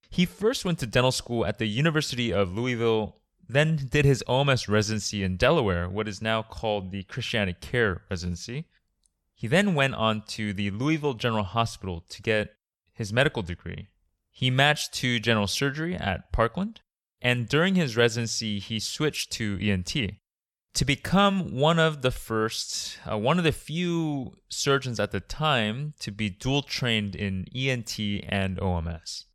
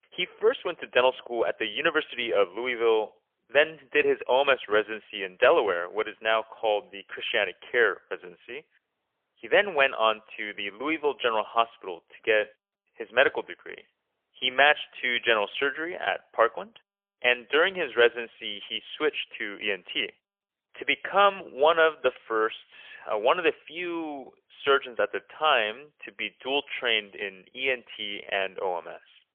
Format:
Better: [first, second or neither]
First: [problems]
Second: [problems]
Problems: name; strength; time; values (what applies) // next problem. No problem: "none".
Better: first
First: none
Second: phone-call audio; poor line; nothing above 3.5 kHz